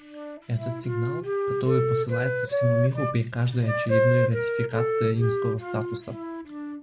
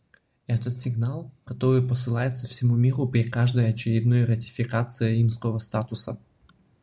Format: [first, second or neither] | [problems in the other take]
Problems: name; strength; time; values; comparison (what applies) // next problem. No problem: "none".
second | background sound (Wind instrument, woodwind instrument); as loud as the speech